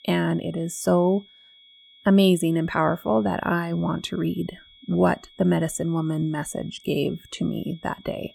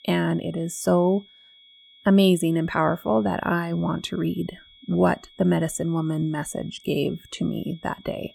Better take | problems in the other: neither | high-pitched whine; faint; throughout; 3.5 kHz, 25 dB below the speech; the same in both

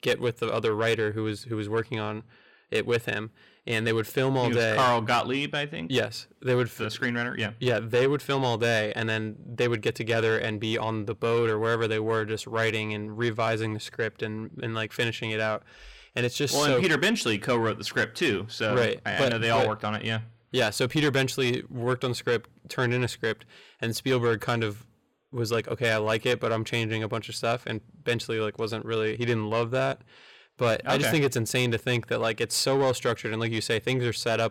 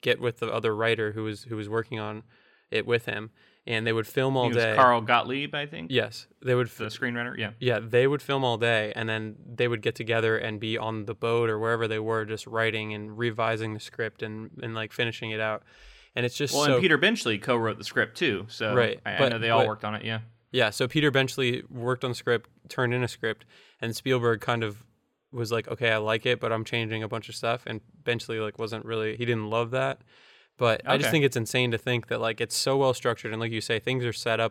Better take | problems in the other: second | distortion; slight; 10 dB below the speech

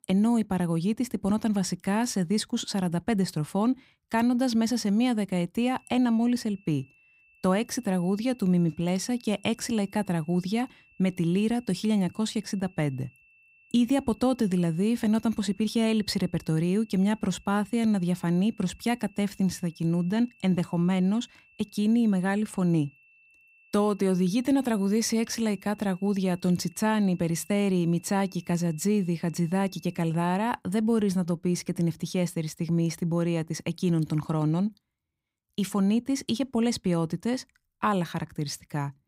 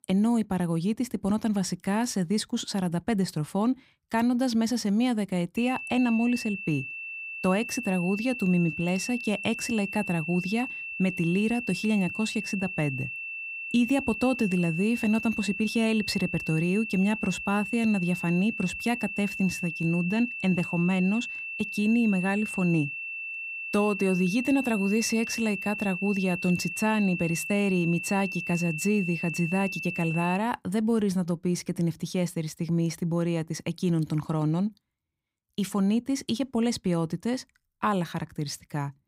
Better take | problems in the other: first | high-pitched whine; loud; from 5.5 to 30 s; 2.5 kHz, 6 dB below the speech; faint in the first

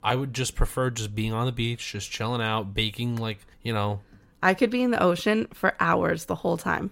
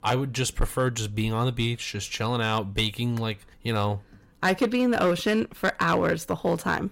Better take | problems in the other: first | distortion; slight; 3% of the sound clipped

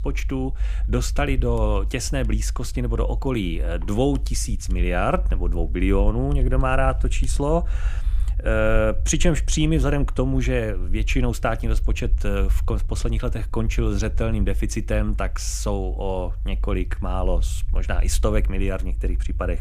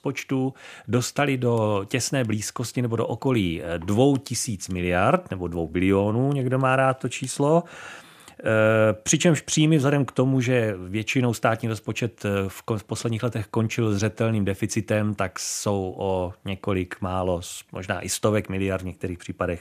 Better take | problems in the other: second | low rumble; faint; throughout; 20 dB below the speech

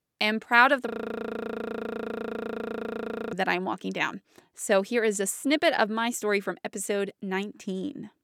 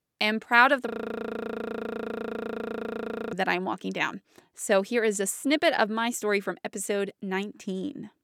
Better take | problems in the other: neither | audio freezing; at 1 s for 2.5 s; the same in both

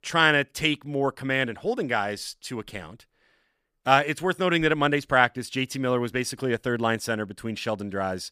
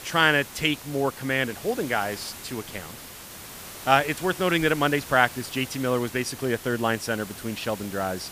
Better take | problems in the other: first | hiss; noticeable; throughout; 15 dB below the speech

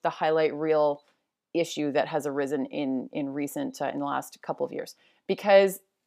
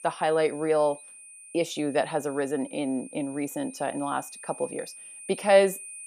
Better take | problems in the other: first | high-pitched whine; noticeable; throughout; 9 kHz, 15 dB below the speech

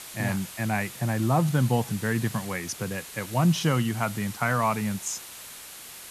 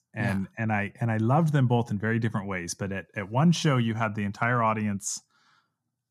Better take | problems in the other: second | hiss; noticeable; throughout; 10 dB below the speech

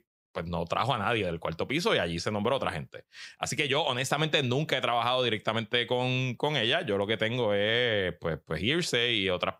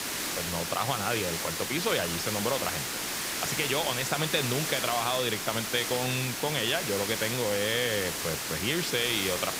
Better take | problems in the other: first | hiss; loud; throughout; 1 dB below the speech

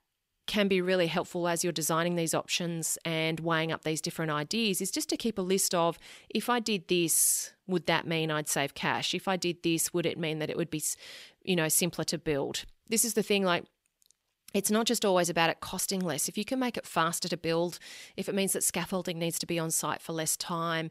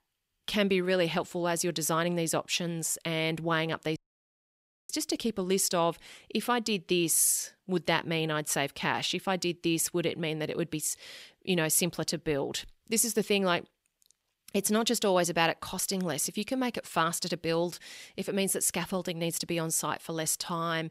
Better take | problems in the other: first | audio cutting out; at 4 s for 1 s

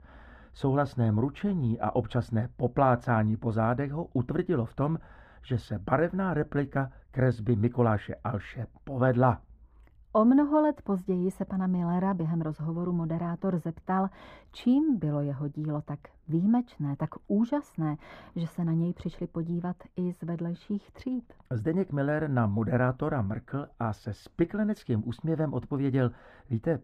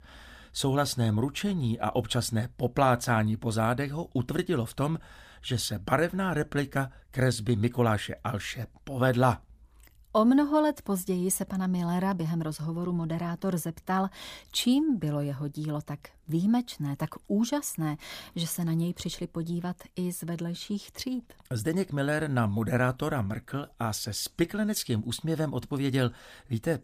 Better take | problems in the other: second | muffled; very; fading above 3 kHz

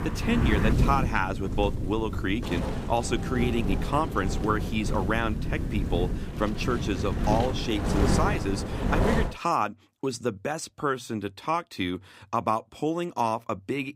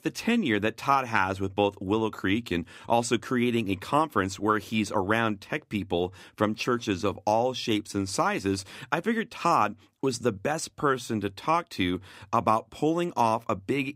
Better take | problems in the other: second | wind noise on the microphone; heavy; until 9.5 s; 6 dB below the speech

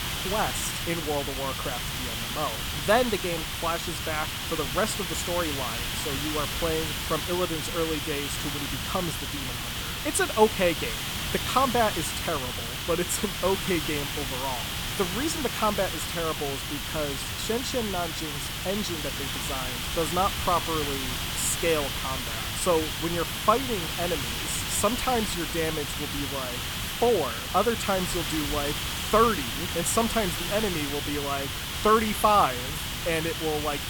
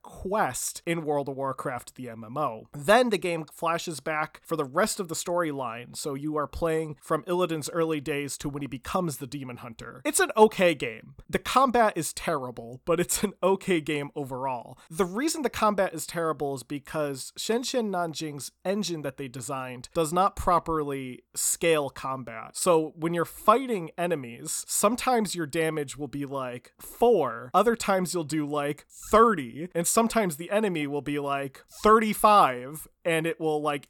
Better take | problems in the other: second | hiss; loud; throughout; 1 dB below the speech

